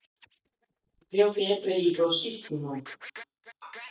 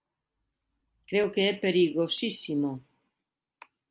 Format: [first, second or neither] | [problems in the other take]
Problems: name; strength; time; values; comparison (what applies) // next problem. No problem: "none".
second | noise reduction (neural mask model DeepFilterNet 3)